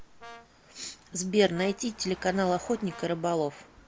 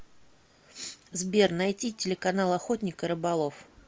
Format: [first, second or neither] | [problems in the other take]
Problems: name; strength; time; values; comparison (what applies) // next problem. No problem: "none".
second | background sound (Brass instrument + Engine); 20 dB below the speech